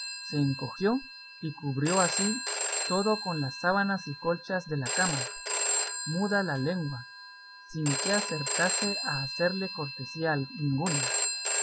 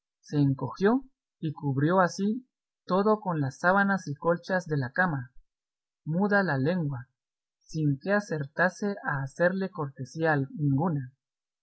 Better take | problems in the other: second | background sound (Telephone); 2 dB below the speech

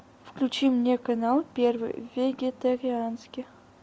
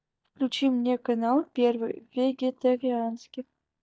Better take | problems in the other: first | noise reduction (neural mask model DeepFilterNet 3)

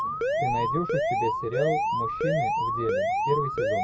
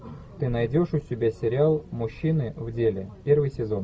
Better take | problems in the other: second | background sound (Alarm); 5 dB above the speech

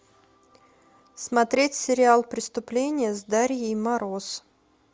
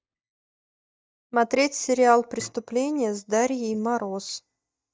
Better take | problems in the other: first | noise reduction (neural mask model DeepFilterNet 3)

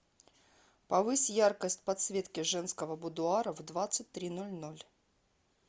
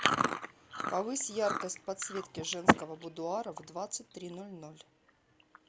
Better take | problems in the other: first | background sound (Chewing, mastication); 3 dB above the speech

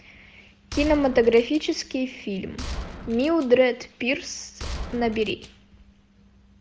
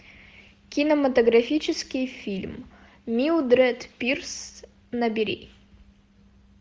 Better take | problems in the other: second | background sound (Gunshot, gunfire); 12 dB below the speech

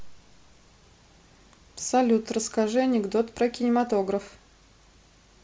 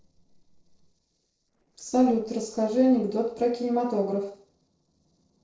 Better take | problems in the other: first | noise reduction (neural separator model SepFormer DNS4)

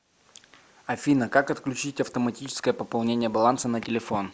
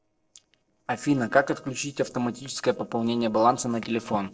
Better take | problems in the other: first | noise reduction (neural separator model SepFormer DNS4)

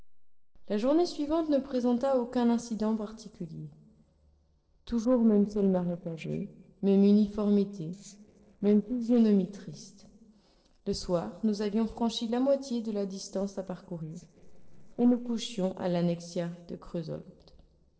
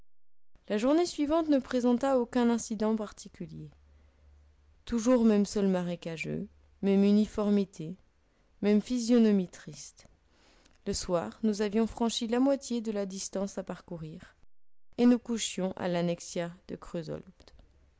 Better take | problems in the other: second | noise reduction (neural separator model SepFormer DNS4)

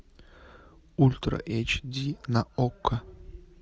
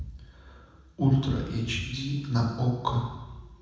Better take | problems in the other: first | room echo; dies away in 1 s

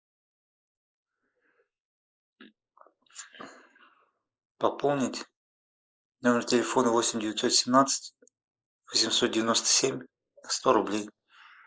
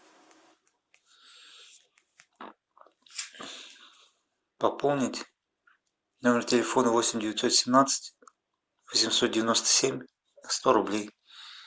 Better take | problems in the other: second | noise reduction (neural mask model Resemble Enhance denoiser)

